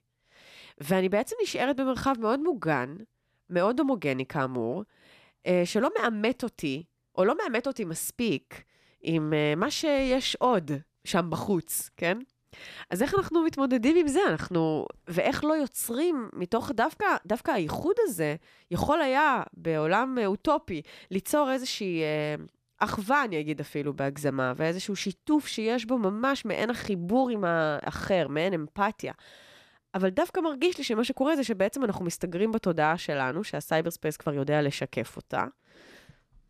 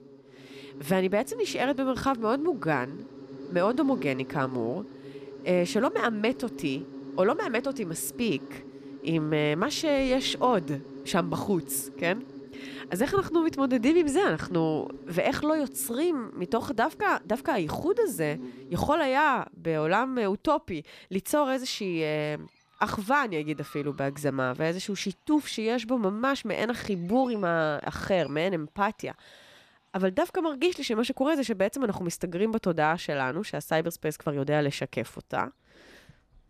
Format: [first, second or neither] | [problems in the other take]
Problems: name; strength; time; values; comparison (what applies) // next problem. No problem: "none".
first | animal sounds; noticeable; throughout; 15 dB below the speech